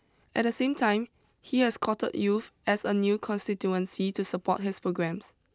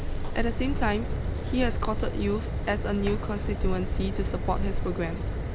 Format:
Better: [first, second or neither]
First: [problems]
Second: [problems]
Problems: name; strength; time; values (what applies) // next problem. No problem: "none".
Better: first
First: none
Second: background sound (Fire); 3 dB above the speech